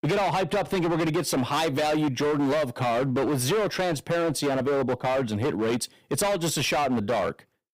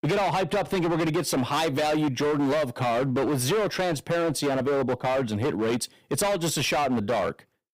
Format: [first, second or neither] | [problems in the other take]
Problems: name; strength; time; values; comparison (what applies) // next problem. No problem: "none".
neither | distortion; heavy; 27% of the sound clipped; the same in both